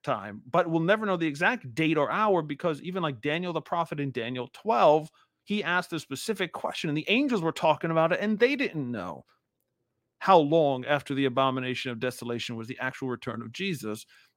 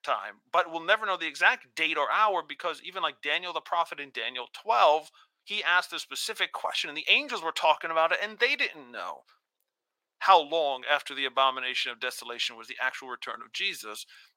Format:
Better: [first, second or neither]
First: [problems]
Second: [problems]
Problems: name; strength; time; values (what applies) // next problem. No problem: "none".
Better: first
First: none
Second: thin; very; fading below 900 Hz